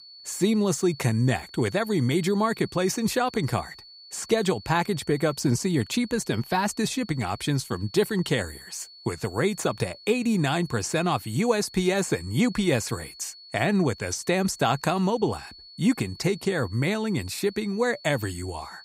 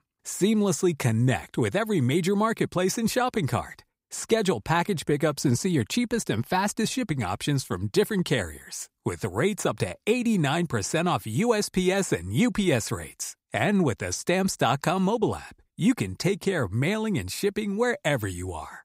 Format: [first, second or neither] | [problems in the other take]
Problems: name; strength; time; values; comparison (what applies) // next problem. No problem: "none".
second | high-pitched whine; noticeable; throughout; 4.5 kHz, 20 dB below the speech